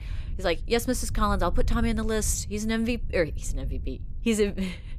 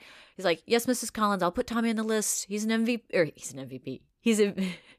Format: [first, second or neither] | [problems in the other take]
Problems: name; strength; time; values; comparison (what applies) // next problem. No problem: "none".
second | low rumble; faint; throughout; 25 dB below the speech